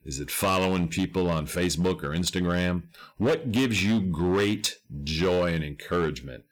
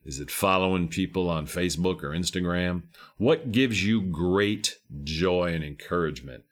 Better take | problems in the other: second | distortion; slight; 9% of the sound clipped

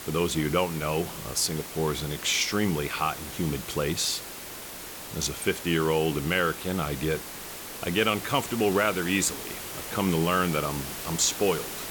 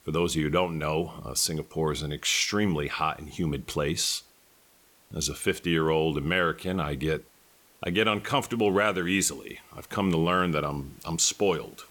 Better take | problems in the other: second | hiss; loud; throughout; 9 dB below the speech; faint in the second

